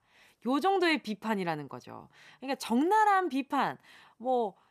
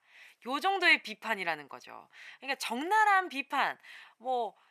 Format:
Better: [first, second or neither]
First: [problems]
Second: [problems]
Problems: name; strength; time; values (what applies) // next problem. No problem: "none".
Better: first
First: none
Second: thin; somewhat; fading below 1 kHz